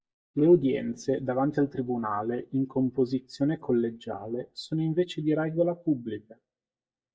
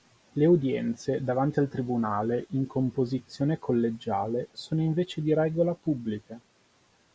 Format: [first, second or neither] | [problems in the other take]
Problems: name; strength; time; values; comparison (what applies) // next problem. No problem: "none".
second | noise reduction (neural mask model DeepFilterNet 3)